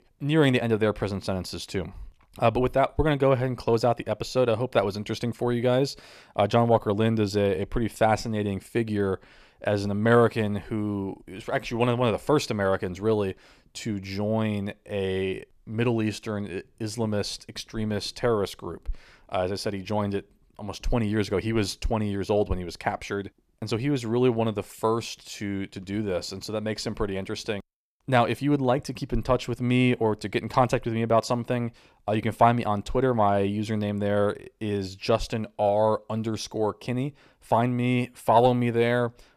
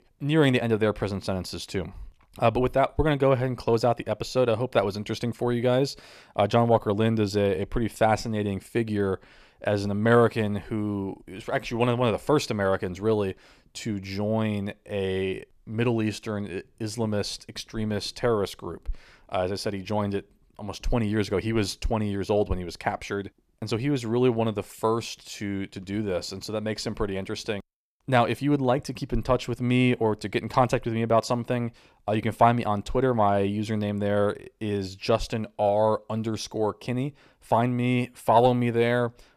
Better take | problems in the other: neither | none

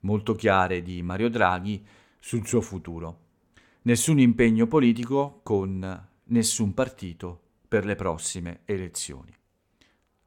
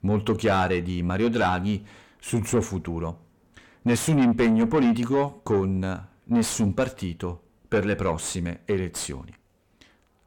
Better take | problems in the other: first | distortion; heavy; 7 dB below the speech

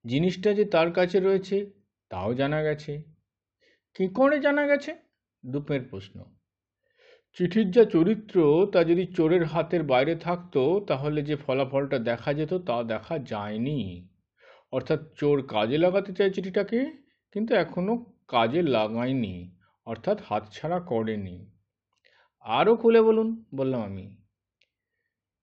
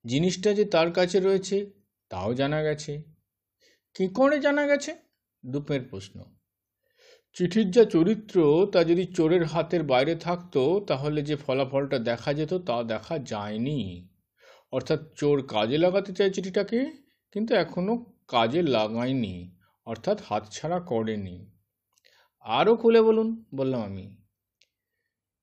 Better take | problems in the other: second | muffled; slightly; fading above 2.5 kHz

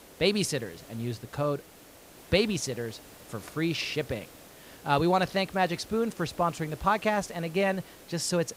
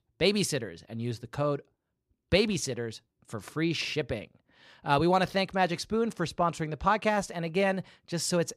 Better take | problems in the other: second | hiss; faint; throughout; 20 dB below the speech

